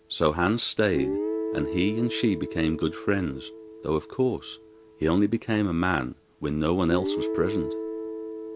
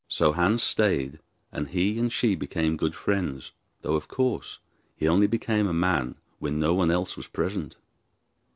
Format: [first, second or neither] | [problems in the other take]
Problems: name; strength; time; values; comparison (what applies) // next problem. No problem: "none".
second | background sound (Guitar); 7 dB below the speech